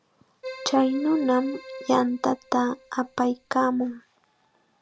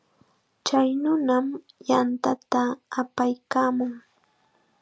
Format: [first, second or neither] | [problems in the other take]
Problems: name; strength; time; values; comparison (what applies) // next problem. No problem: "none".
second | background sound (Keyboard (musical)); 16 dB below the speech